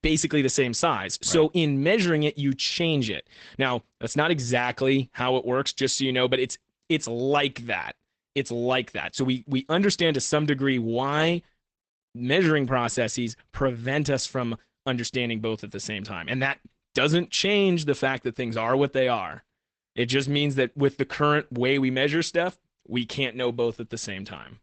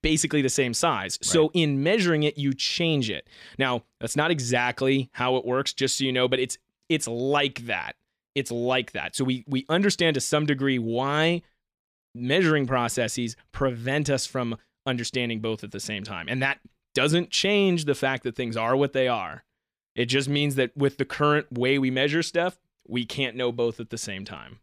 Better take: second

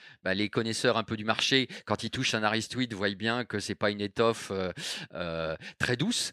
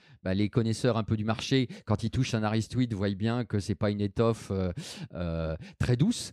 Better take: second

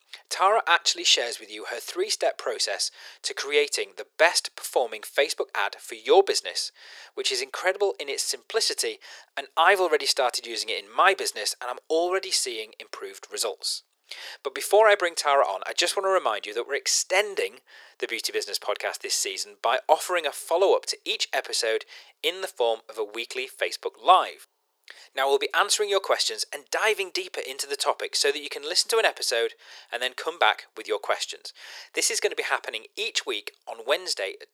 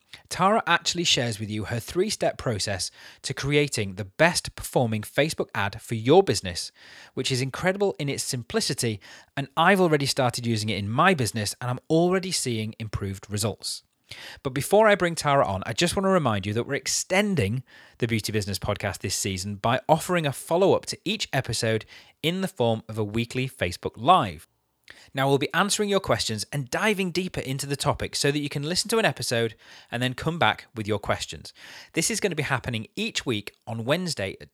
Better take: second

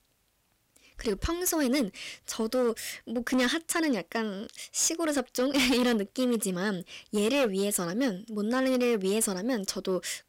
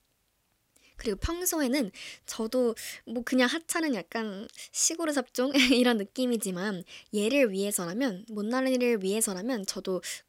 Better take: second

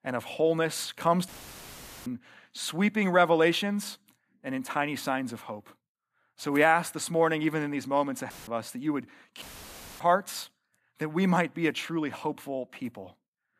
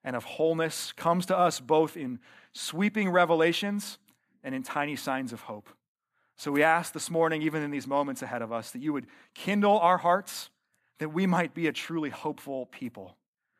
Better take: second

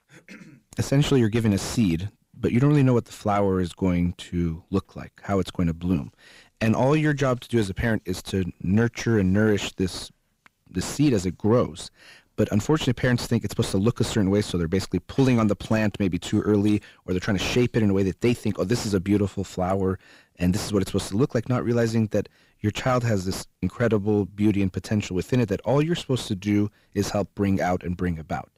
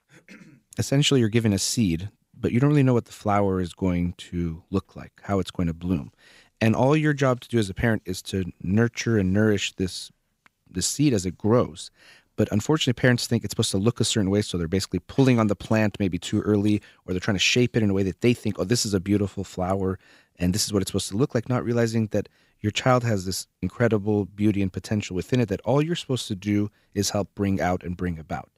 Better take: second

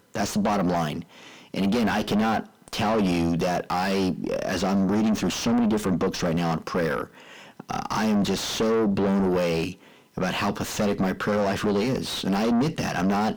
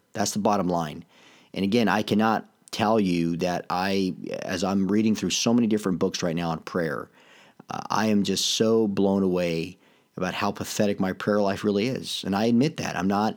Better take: second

